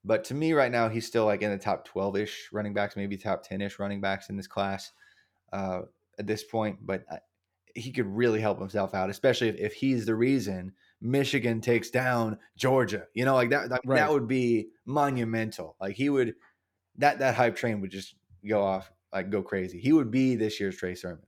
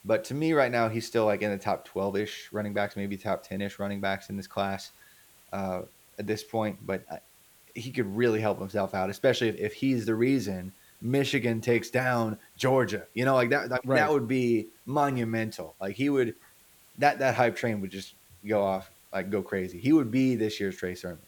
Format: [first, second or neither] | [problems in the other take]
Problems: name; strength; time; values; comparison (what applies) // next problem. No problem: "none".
first | hiss; faint; throughout; 25 dB below the speech